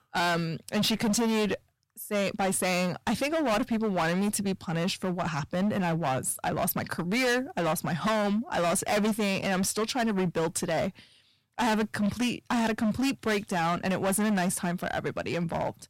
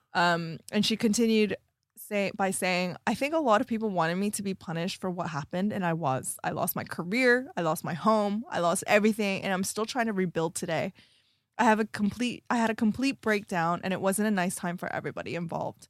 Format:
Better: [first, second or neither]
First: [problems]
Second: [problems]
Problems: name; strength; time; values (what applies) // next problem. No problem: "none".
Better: second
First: distortion; heavy; 19% of the sound clipped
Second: none